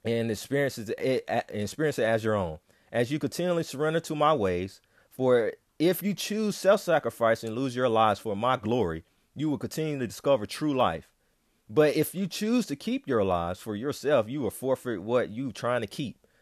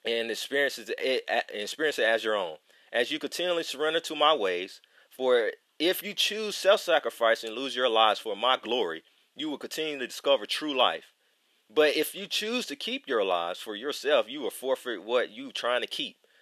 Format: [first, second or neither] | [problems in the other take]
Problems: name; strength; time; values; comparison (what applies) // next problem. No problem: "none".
first | thin; somewhat; fading below 350 Hz